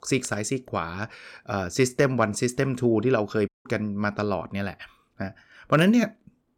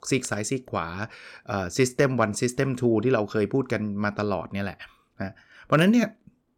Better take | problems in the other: second | audio cutting out; at 3.5 s

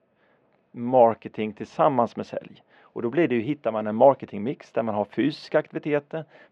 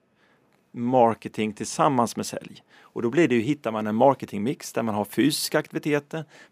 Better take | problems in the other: second | muffled; very; fading above 3 kHz

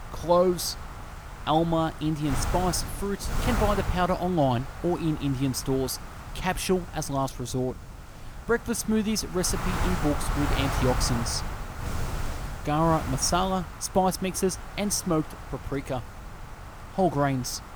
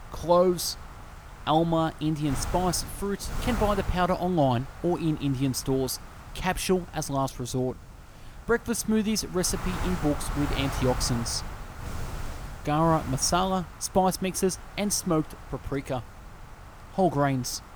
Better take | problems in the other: second | wind noise on the microphone; heavy; 9 dB below the speech; occasional gusts in the second

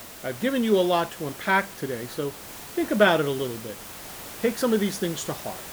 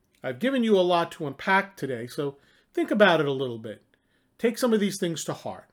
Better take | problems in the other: second | hiss; noticeable; throughout; 10 dB below the speech

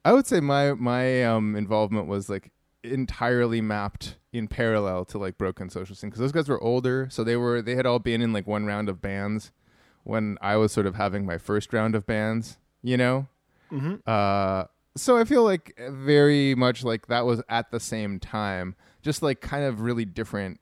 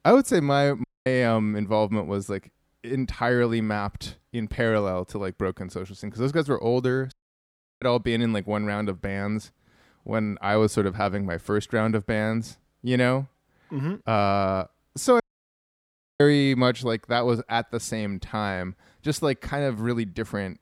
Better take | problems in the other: first | audio cutting out; at 1 s, at 7 s for 0.5 s and at 15 s for 1 s

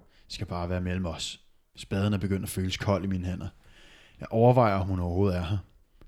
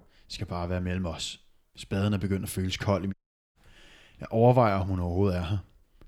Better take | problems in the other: first | audio cutting out; at 3 s

